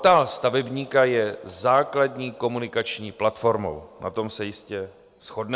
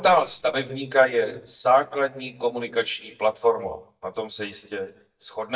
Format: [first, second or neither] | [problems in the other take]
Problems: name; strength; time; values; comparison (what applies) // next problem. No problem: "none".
first | noise reduction (neural mask model DeepFilterNet 3)